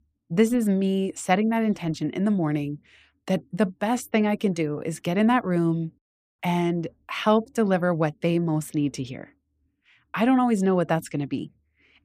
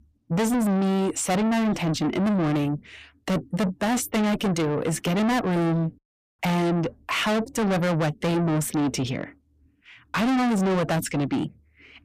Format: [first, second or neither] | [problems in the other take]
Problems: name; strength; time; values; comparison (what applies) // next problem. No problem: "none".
first | distortion; heavy; 6 dB below the speech